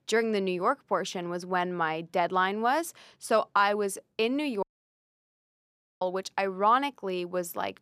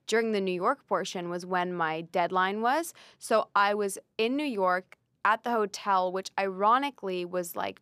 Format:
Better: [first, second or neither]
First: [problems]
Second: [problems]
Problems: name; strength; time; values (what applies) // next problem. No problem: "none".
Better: second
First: audio cutting out; at 4.5 s for 1.5 s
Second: none